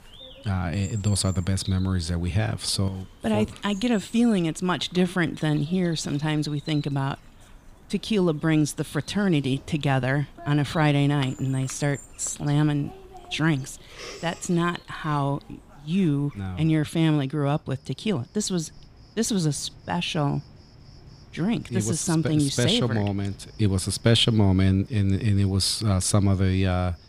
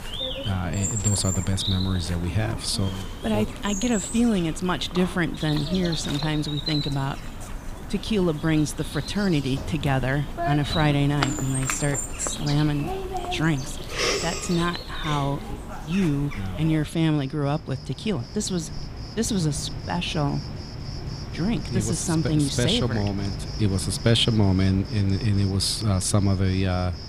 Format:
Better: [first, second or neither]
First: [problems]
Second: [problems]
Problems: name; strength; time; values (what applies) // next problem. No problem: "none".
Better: first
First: animal sounds; faint; throughout; 20 dB below the speech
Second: animal sounds; loud; throughout; 7 dB below the speech